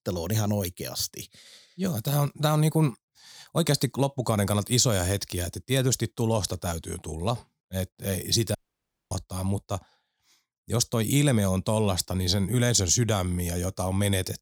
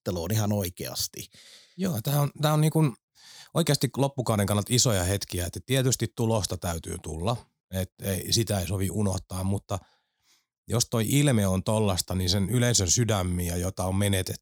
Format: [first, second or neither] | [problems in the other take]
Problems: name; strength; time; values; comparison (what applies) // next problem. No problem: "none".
second | audio cutting out; at 8.5 s for 0.5 s